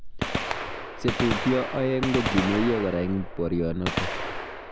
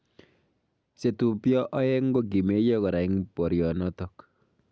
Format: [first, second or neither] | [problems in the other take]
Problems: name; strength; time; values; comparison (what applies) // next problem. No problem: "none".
second | background sound (Gunshot, gunfire); 3 dB below the speech